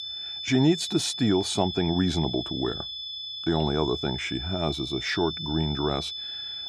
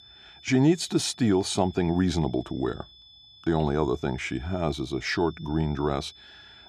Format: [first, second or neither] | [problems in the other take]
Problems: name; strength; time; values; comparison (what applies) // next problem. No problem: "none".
second | high-pitched whine; loud; throughout; 3.5 kHz, 6 dB below the speech; faint in the second